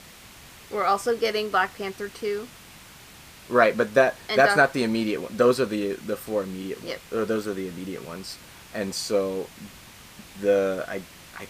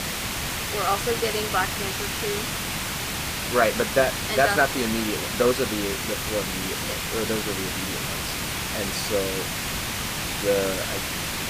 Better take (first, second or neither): first